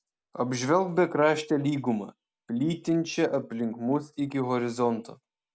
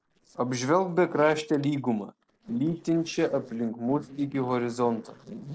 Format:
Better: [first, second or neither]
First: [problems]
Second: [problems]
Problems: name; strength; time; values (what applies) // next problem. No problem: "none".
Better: first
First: none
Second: noise reduction (neural separator model SepFormer DNS4)